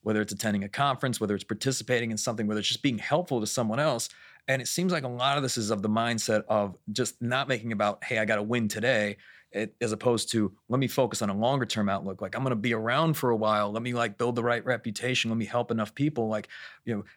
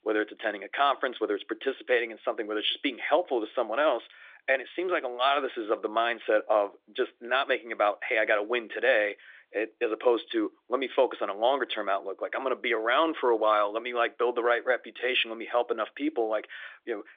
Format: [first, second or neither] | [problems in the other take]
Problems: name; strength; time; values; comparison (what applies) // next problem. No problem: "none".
first | phone-call audio